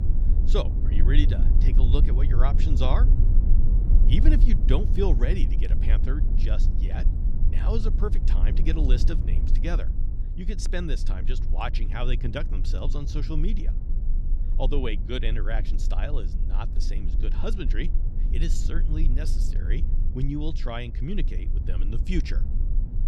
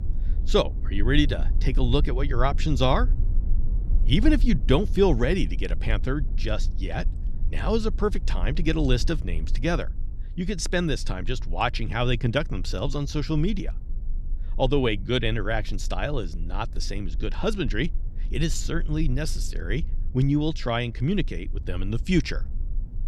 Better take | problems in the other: second | low rumble; loud; throughout; 8 dB below the speech; faint in the second

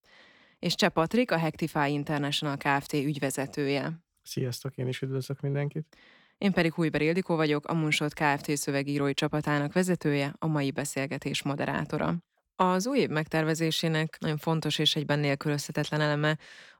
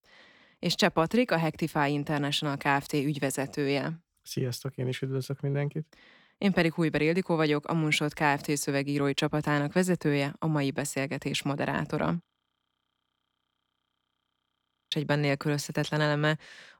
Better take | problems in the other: first | audio freezing; at 12 s for 2.5 s

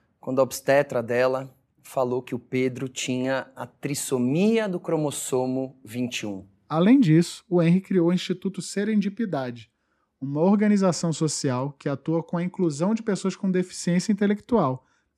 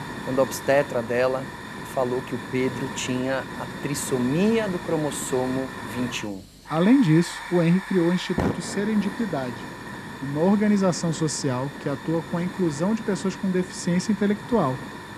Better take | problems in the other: first | hiss; loud; throughout; 10 dB below the speech

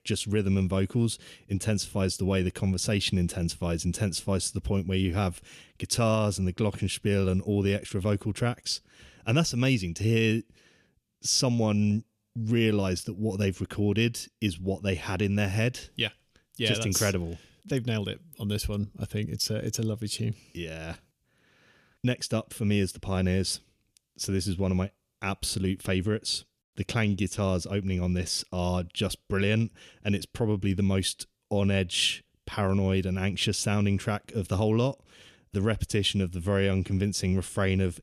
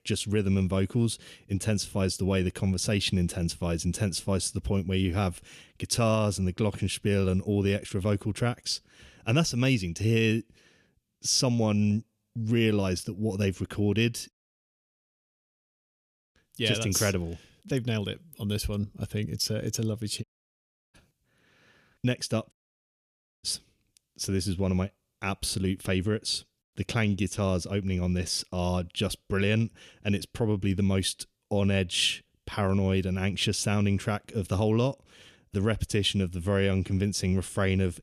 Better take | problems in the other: first | audio cutting out; at 14 s for 2 s, at 20 s for 0.5 s and at 23 s for 1 s

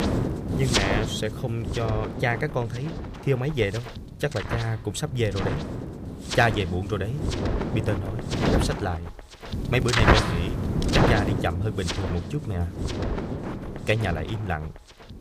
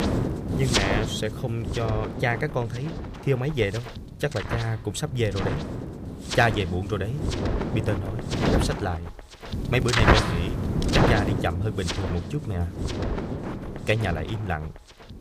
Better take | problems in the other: neither | wind noise on the microphone; heavy; as loud as the speech; the same in both

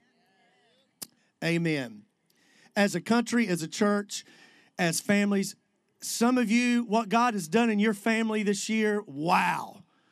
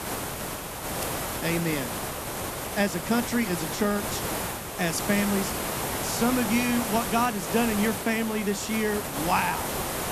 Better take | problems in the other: first | hiss; loud; throughout; 3 dB below the speech

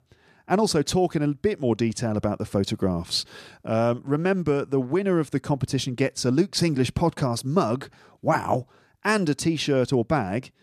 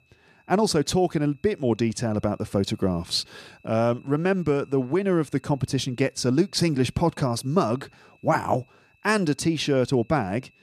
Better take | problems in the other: first | high-pitched whine; faint; throughout; 2.5 kHz, 35 dB below the speech

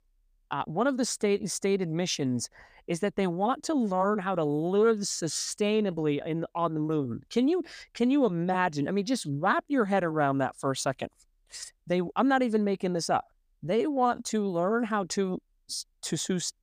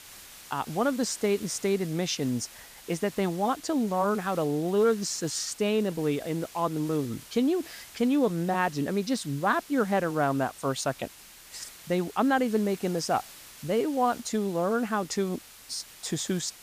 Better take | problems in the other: first | hiss; noticeable; throughout; 20 dB below the speech

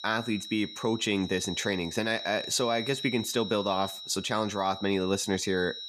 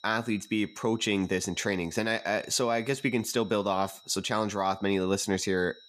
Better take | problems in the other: second | high-pitched whine; loud; throughout; 4 kHz, 9 dB below the speech; faint in the second

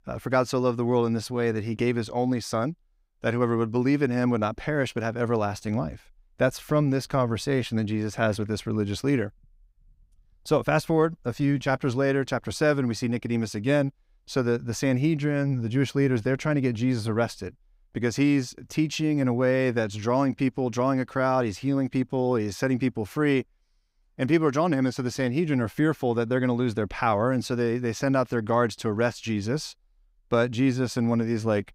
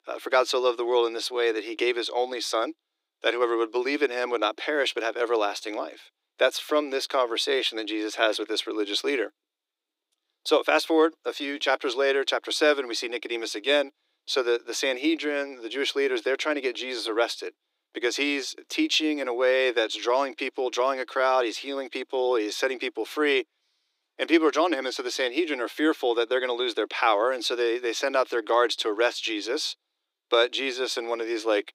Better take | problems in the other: first | thin; very; fading below 300 Hz

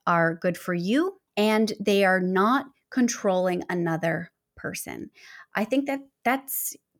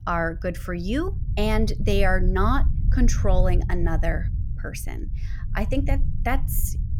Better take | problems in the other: first | low rumble; noticeable; throughout; 15 dB below the speech

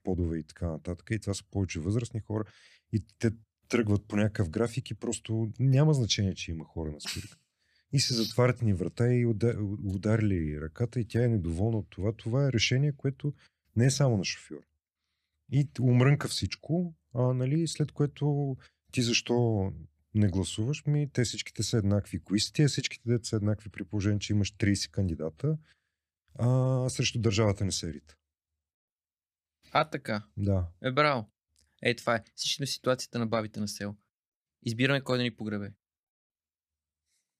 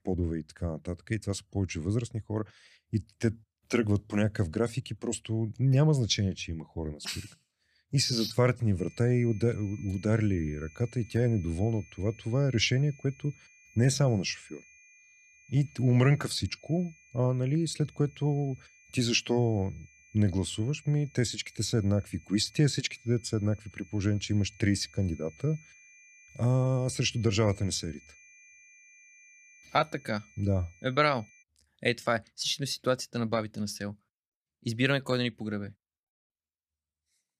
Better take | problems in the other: first | high-pitched whine; faint; from 9 to 31 s; 2.5 kHz, 25 dB below the speech

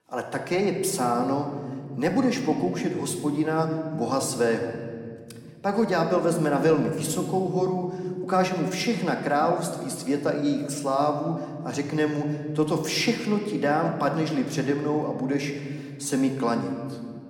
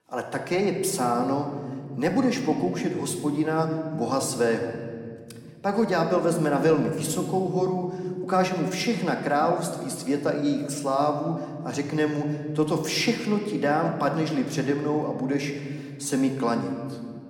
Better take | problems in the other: neither | room echo; slight; dies away in 2 s; the same in both

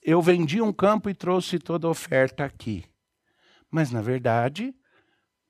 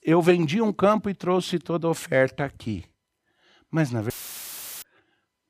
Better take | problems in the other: first | audio cutting out; filled with static; at 4 s for 0.5 s

